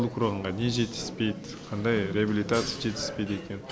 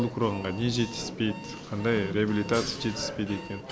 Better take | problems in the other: first | background sound (Alarm); 19 dB below the speech

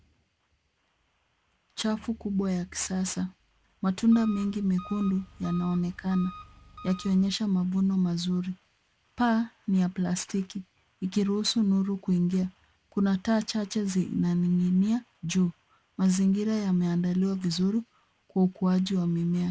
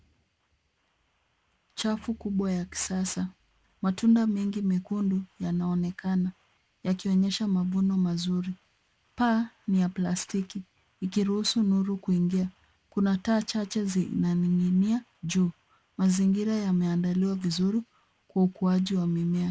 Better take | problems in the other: second | background sound (Engine); 18 dB below the speech

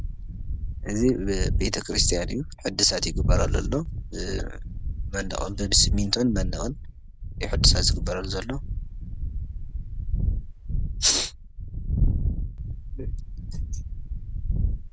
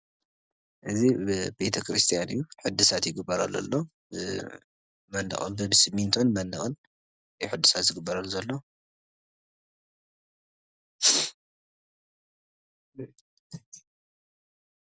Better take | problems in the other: second | background sound (Wind); 2 dB above the speech

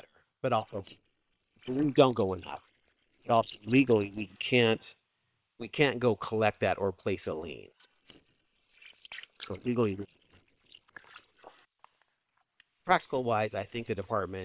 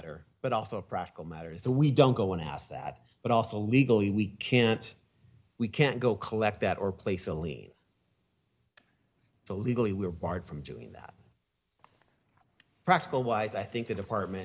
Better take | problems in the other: second | noise reduction (neural separator model SepFormer WHAM!)

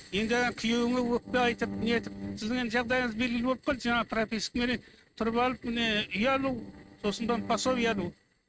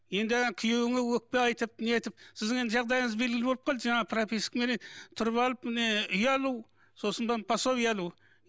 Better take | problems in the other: second | noise reduction (neural mask model RNNoise)

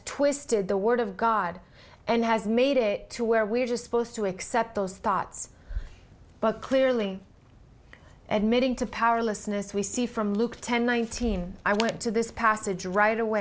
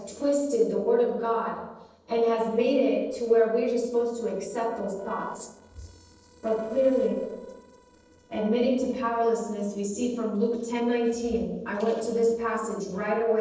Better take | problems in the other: first | noise reduction (neural separator model SepFormer DNS4)

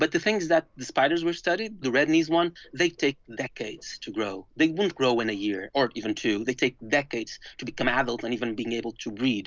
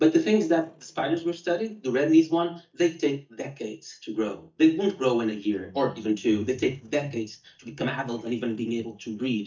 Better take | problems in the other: first | noise reduction (neural mask model DeepFilterNet 3)

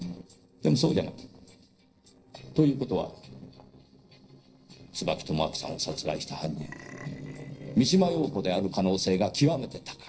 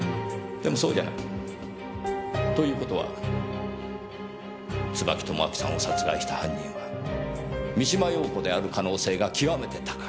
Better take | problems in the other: second | noise reduction (neural separator model SepFormer DNS4)

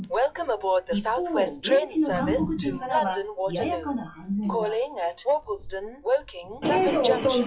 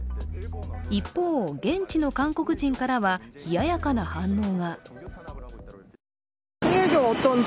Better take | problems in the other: second | noise reduction (classical method WPE with log-MMSE)

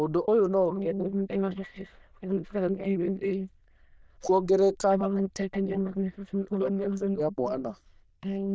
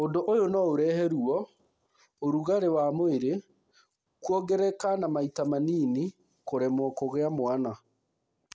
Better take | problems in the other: second | noise reduction (neural diffusion model UNIVERSE++)

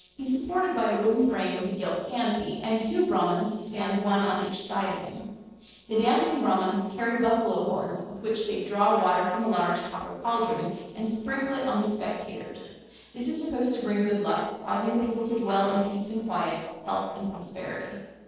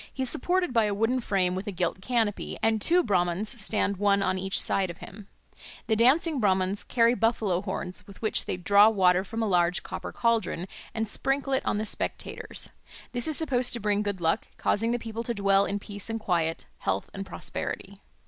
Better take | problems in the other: second | noise reduction (neural separator model SepFormer DNS4)

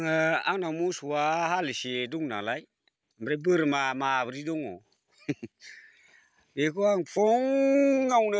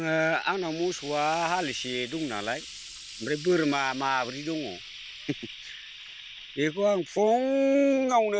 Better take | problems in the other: first | background sound (Frying (food)); 16 dB below the speech

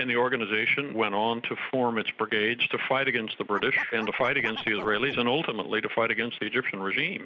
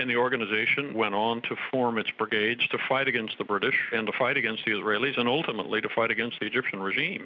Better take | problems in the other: second | noise reduction (neural mask model Resemble Enhance denoiser)

